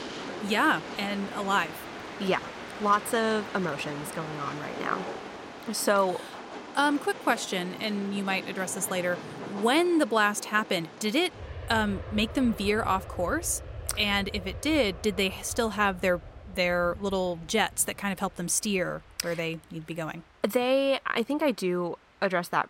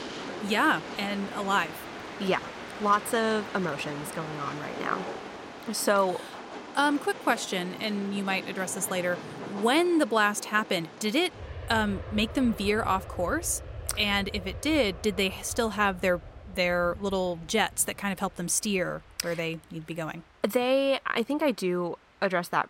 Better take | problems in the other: neither | train or aircraft noise; noticeable; throughout; 10 dB below the speech; the same in both

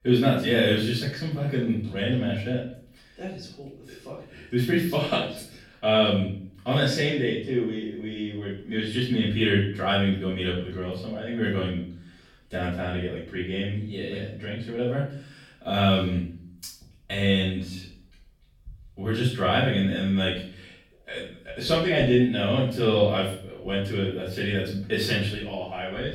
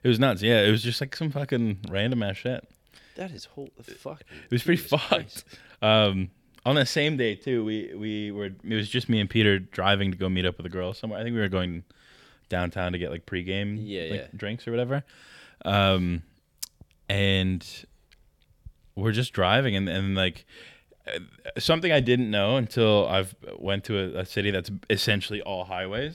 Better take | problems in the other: second | off-mic speech; far // room echo; noticeable; dies away in 0.5 s

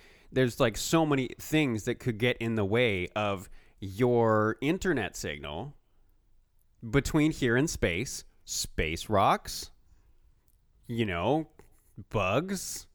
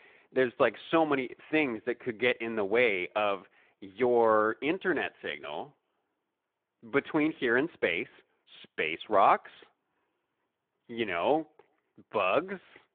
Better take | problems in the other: first | phone-call audio

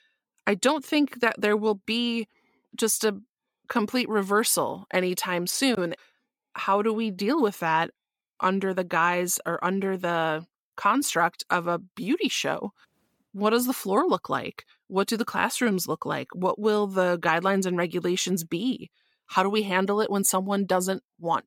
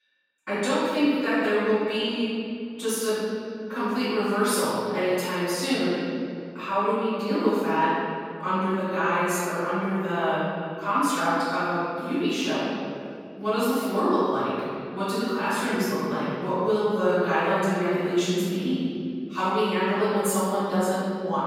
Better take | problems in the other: first | off-mic speech; far // room echo; strong; dies away in 2.4 s

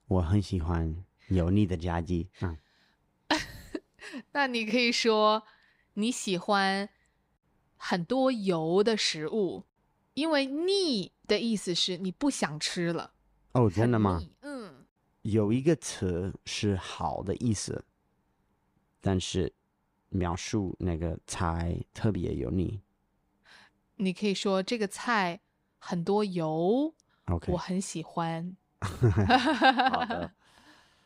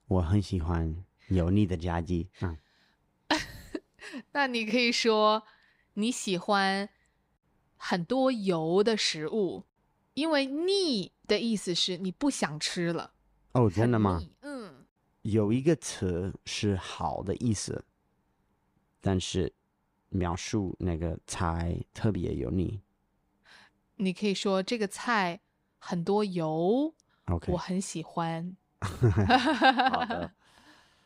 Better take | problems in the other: neither | none

